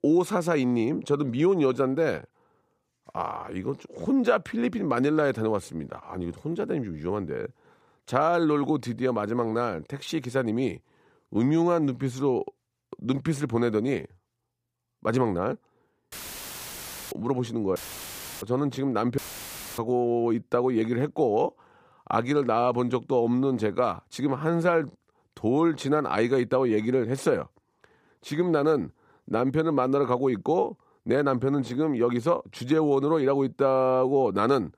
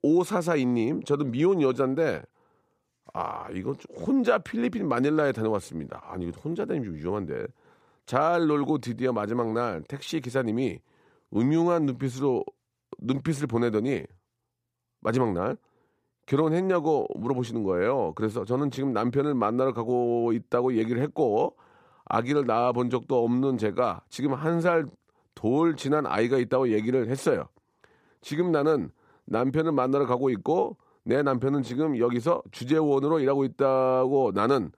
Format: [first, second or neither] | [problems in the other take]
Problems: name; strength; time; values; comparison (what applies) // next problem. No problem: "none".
second | audio cutting out; filled with static; at 16 s for 1 s, at 18 s for 0.5 s and at 19 s for 0.5 s